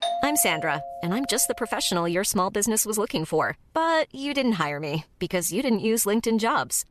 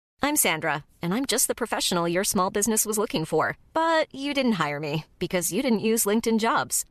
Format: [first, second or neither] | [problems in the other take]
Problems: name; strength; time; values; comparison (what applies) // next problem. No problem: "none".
second | doorbell; noticeable; until 1.5 s; peak 3 dB below the speech